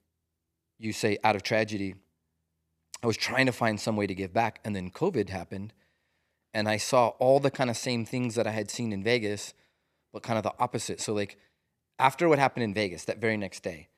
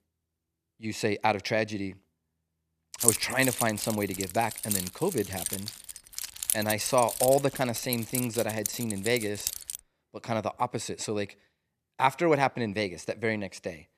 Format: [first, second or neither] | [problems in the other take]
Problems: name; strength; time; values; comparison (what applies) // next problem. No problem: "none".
first | jangling keys; loud; from 3 to 9.5 s; peak 5 dB above the speech